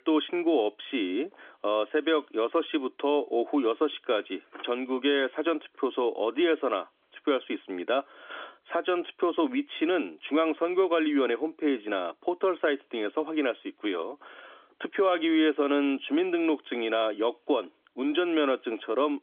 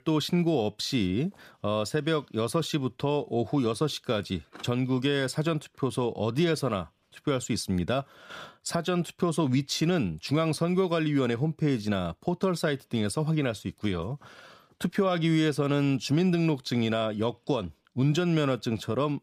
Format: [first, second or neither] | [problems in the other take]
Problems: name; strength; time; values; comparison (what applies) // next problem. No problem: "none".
second | phone-call audio; nothing above 3.5 kHz